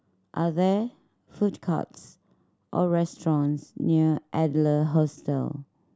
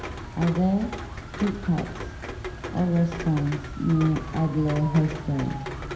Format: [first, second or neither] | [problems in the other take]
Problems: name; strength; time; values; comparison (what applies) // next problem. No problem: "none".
first | background sound (Rain); 8 dB below the speech // room echo; dies away in 0.9 s